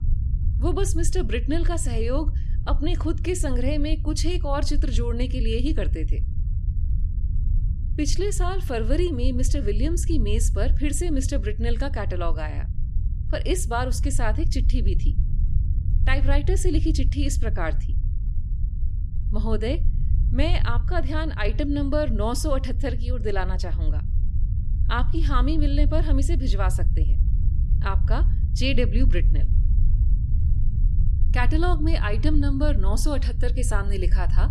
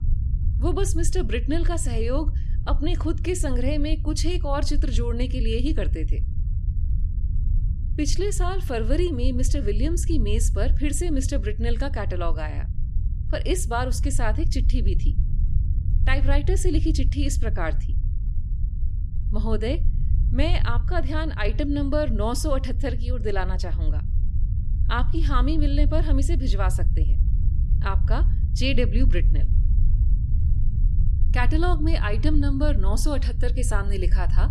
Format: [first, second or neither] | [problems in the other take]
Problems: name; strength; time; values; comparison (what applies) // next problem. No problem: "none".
neither | low rumble; noticeable; throughout; 15 dB below the speech; the same in both